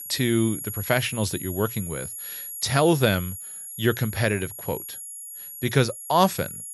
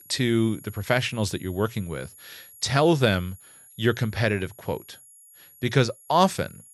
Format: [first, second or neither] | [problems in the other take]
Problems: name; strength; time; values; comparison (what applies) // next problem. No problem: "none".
second | high-pitched whine; loud; throughout; 11 kHz, 9 dB below the speech; faint in the second